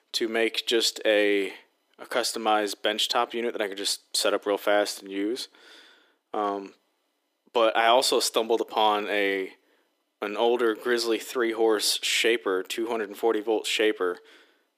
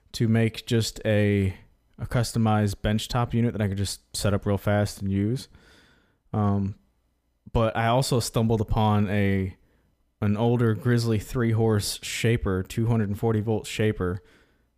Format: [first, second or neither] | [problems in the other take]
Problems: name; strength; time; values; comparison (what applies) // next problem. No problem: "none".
second | thin; very; fading below 300 Hz